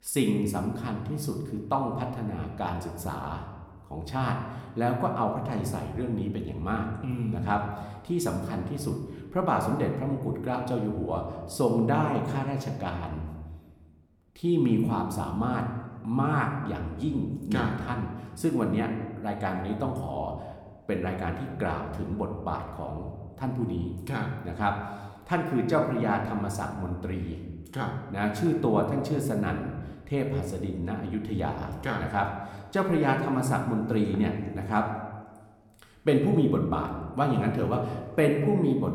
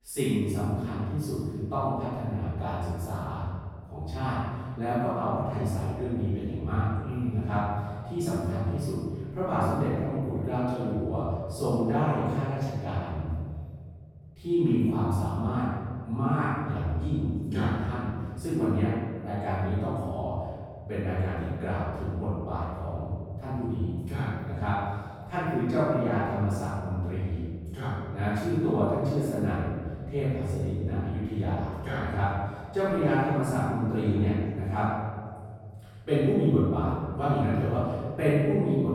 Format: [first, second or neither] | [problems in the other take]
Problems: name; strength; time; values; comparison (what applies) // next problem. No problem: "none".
first | room echo; strong; dies away in 2.3 s; slight in the first // off-mic speech; far